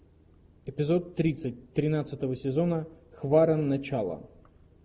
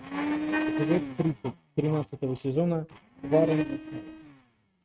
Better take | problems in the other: first | noise reduction (neural mask model RNNoise)

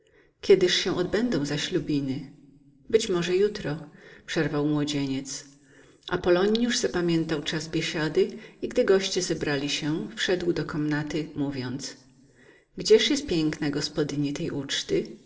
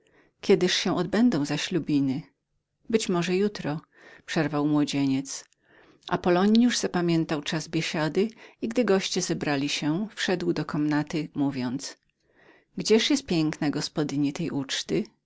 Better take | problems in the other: second | room echo; dies away in 1.8 s

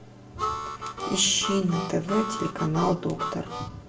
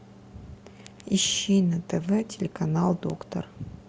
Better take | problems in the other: second | background sound (Harmonica); 6 dB below the speech // room echo; dies away in 0.6 s

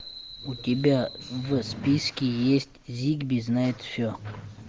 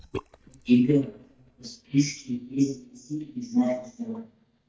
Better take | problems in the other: first | noise reduction (neural mask model DeepFilterNet 3)

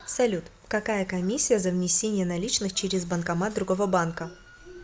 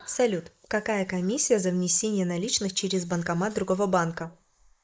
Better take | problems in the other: first | noise reduction (neural mask model Resemble Enhance denoiser)

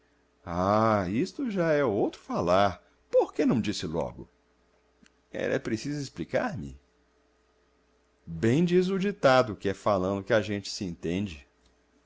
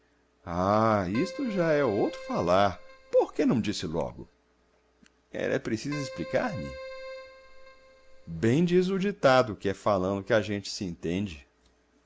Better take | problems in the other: first | background sound (Keyboard (musical)); 15 dB below the speech

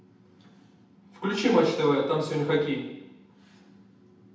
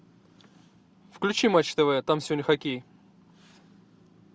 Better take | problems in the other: second | room echo; dies away in 0.8 s

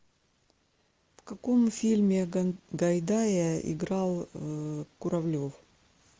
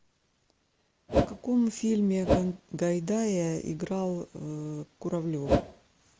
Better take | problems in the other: first | background sound (Whoosh, swoosh, swish); 3 dB above the speech

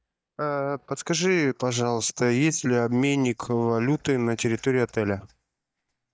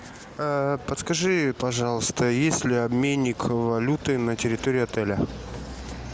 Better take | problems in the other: second | noise reduction (neural mask model DeepFilterNet 3)

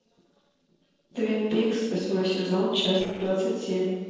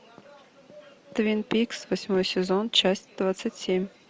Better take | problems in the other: second | noise reduction (neural separator model SepFormer DNS4)

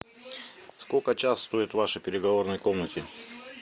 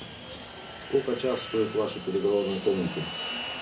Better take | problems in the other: first | background sound (Fixed-wing aircraft, airplane); 9 dB below the speech // room echo; dies away in 0.4 s

